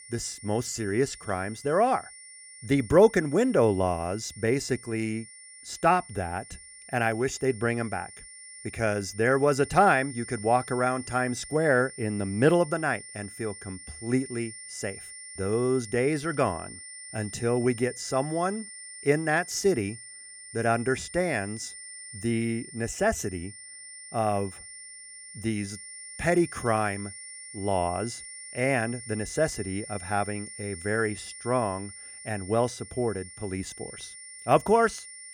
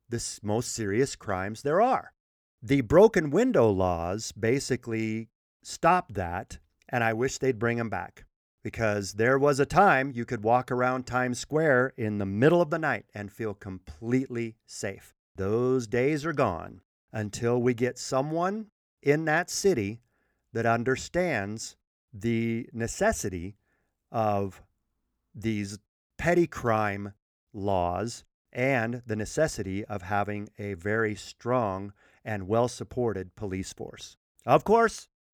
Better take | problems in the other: second | high-pitched whine; noticeable; throughout; 9 kHz, 15 dB below the speech

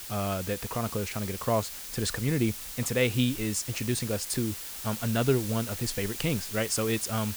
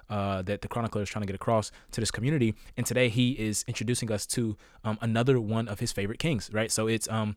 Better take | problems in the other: second | hiss; loud; throughout; 7 dB below the speech

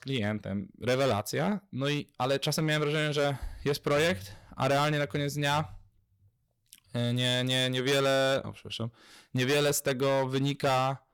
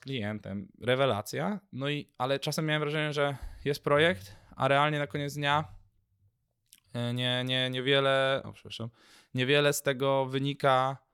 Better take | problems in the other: second | distortion; heavy; 10% of the sound clipped

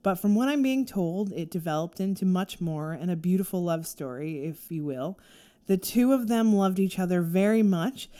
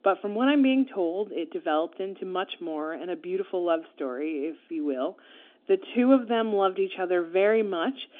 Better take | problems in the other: first | phone-call audio; nothing above 3.5 kHz

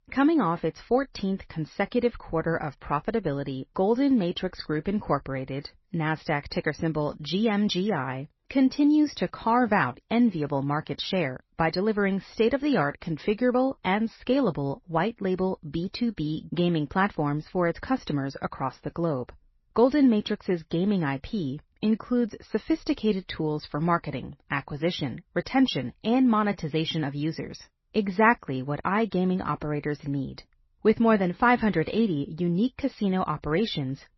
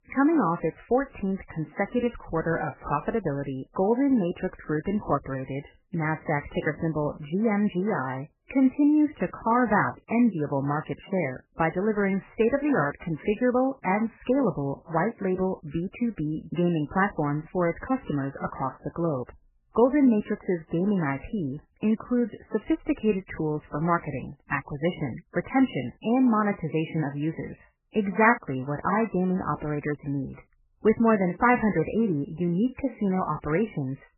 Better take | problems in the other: first | garbled, watery; badly; nothing above 3 kHz; slightly in the first

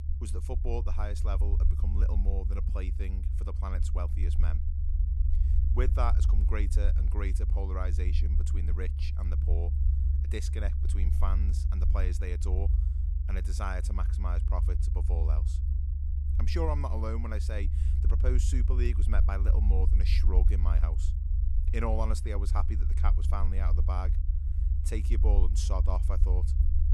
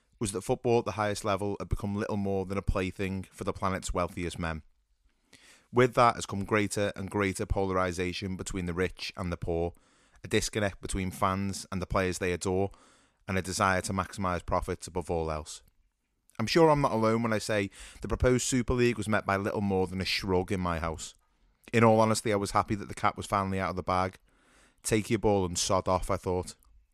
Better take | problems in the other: second | low rumble; loud; throughout; 7 dB below the speech

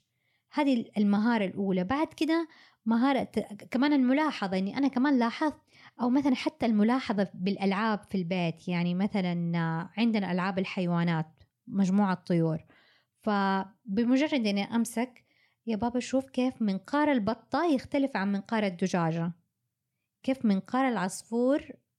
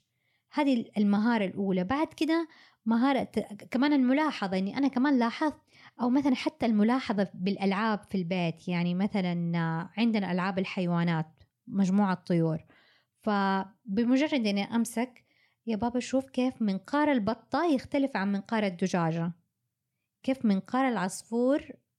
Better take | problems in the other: neither | none

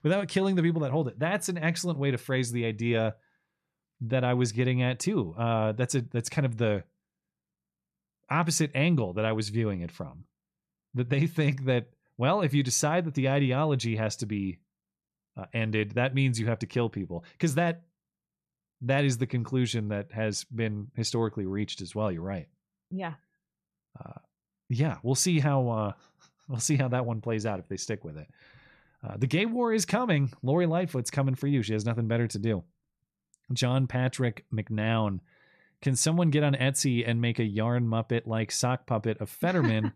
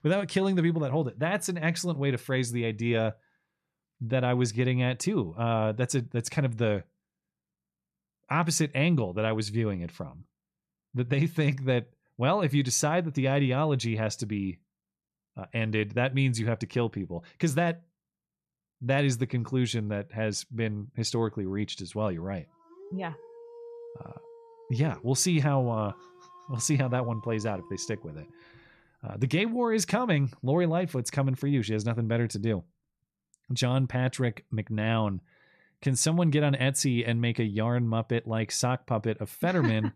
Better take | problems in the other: first | dog barking; faint; from 23 to 29 s; peak 15 dB below the speech

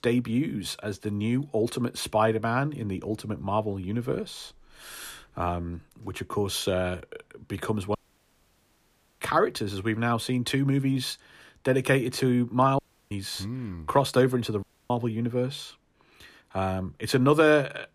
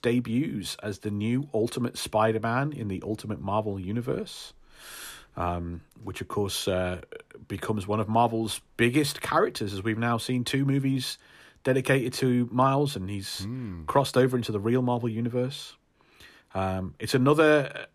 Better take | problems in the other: second | audio cutting out; at 8 s for 1.5 s, at 13 s and at 15 s

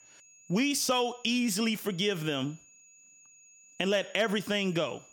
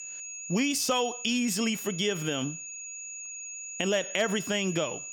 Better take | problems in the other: first | high-pitched whine; loud; throughout; 7 kHz, 8 dB below the speech; faint in the first

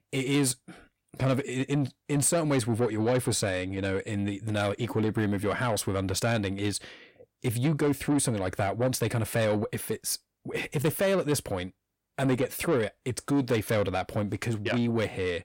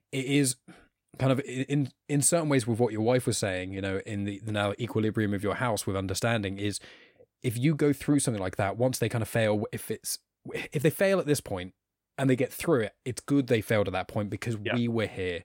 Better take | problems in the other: second | distortion; slight; 10 dB below the speech

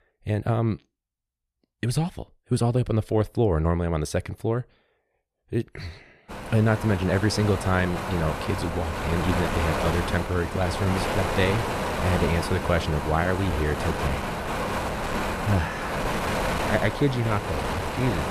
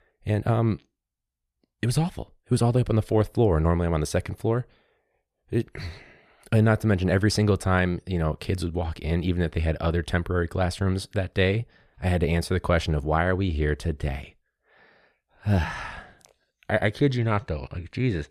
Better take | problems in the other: second | wind noise on the microphone; heavy; from 6.5 s on; 1 dB above the speech

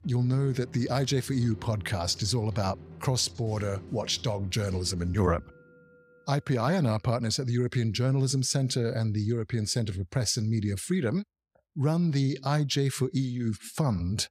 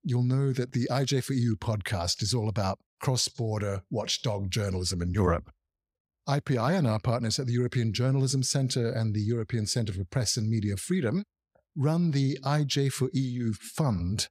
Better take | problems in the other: second | background music; noticeable; until 7 s; 20 dB below the speech

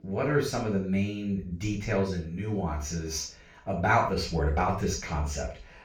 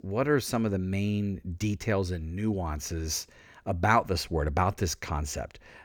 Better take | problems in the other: second | room echo; noticeable; dies away in 0.3 s // off-mic speech; far

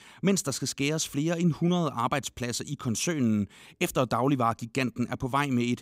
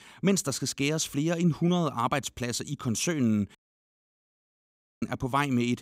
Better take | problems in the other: first | audio cutting out; at 3.5 s for 1.5 s

